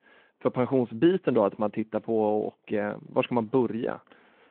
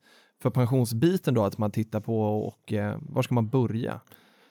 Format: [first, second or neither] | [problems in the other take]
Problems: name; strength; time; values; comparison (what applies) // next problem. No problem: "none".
second | phone-call audio